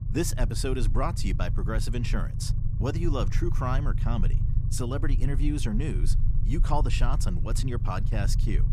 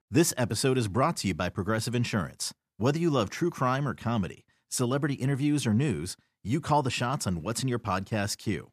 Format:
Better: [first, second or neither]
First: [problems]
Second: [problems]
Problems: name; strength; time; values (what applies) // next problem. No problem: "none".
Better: second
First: low rumble; noticeable; throughout; 10 dB below the speech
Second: none